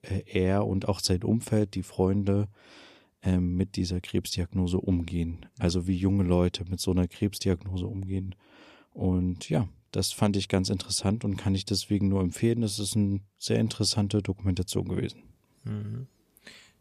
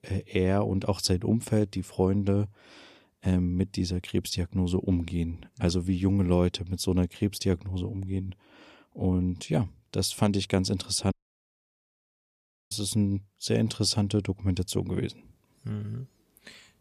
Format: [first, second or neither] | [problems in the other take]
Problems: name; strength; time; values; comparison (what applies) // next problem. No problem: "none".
first | audio cutting out; at 11 s for 1.5 s